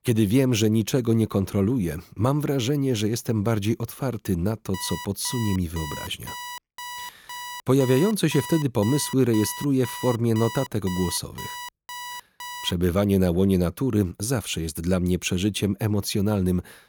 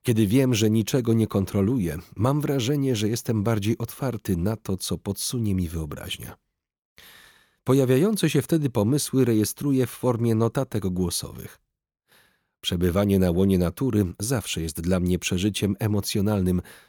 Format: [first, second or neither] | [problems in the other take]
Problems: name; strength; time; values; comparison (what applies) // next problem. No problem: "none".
second | alarm; faint; from 4.5 to 13 s; peak 10 dB below the speech